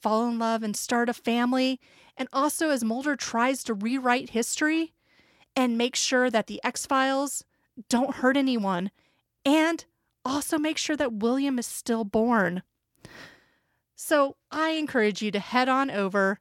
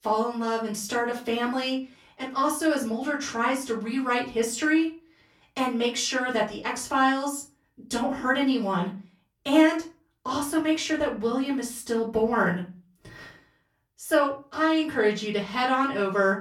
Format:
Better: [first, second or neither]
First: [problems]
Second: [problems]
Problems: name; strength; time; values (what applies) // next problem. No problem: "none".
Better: first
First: none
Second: room echo; slight; dies away in 0.3 s // off-mic speech; far